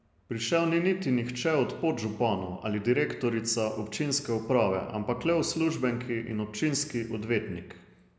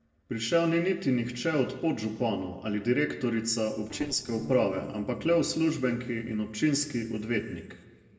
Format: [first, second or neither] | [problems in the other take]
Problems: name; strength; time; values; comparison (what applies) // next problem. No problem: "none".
first | noise reduction (neural separator model SepFormer DNS4)